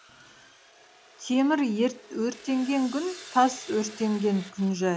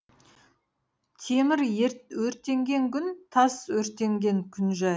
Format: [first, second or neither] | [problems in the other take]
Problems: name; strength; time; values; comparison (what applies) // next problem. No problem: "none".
second | background sound (Sawing); 20 dB below the speech